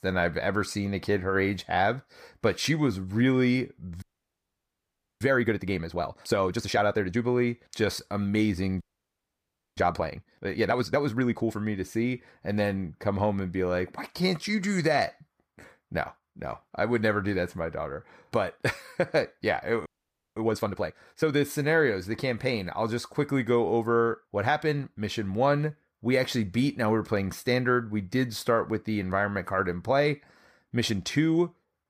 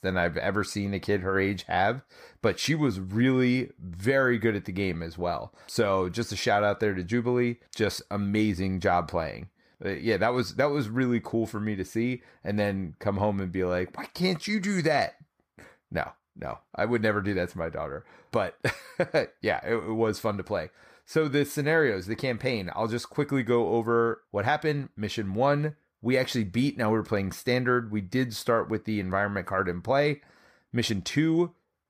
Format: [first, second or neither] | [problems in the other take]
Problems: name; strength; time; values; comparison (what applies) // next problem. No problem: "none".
second | audio freezing; at 4 s for 1 s, at 9 s for 1 s and at 20 s for 0.5 s